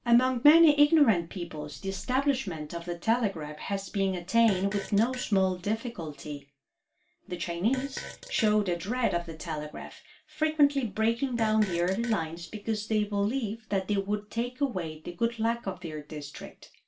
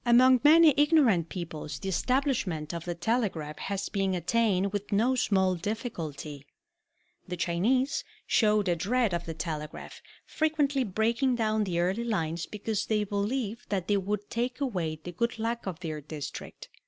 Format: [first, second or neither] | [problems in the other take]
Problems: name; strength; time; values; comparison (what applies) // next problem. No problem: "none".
second | background sound (Fart); 16 dB below the speech // room echo; dies away in 0.2 s